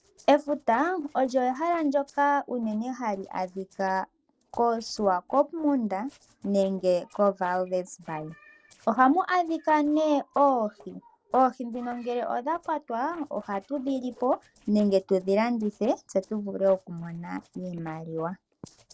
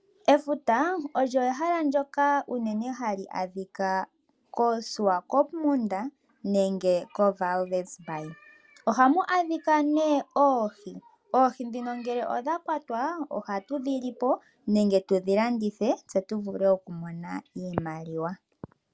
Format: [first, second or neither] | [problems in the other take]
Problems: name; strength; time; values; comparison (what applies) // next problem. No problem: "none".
second | noise reduction (neural separator model SepFormer DNS4)